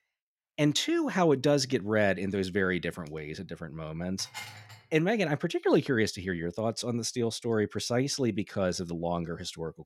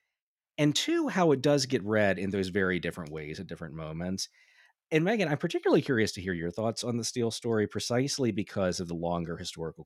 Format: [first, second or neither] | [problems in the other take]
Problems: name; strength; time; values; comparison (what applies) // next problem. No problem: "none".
second | clattering dishes; faint; at 4 s; peak 10 dB below the speech